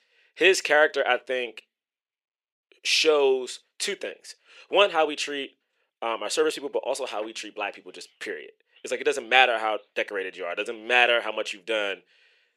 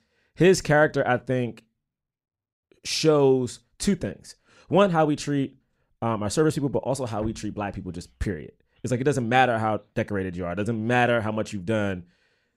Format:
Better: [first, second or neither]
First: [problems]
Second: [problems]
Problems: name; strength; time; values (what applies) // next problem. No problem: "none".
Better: second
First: thin; very; fading below 400 Hz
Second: none